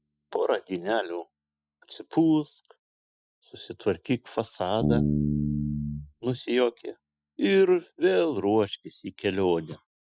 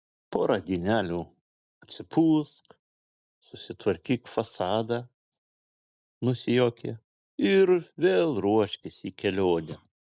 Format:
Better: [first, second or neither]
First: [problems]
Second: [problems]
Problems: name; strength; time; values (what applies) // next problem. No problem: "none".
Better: second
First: noise reduction (classical method Wiener filter)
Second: none